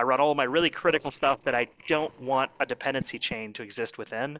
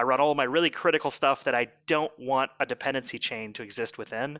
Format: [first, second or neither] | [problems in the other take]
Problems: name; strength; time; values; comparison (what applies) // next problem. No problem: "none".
second | noise reduction (neural separator model SepFormer DNS4)